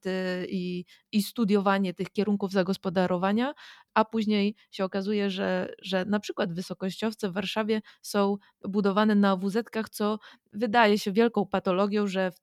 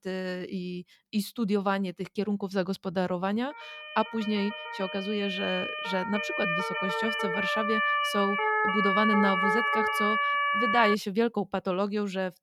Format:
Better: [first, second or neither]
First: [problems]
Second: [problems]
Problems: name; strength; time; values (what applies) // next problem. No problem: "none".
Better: first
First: none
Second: siren; loud; from 3.5 to 11 s; peak 6 dB above the speech